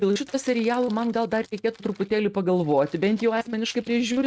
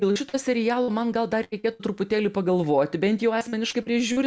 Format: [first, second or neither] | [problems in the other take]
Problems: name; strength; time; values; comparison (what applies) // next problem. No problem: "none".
second | noise reduction (neural mask model RNNoise)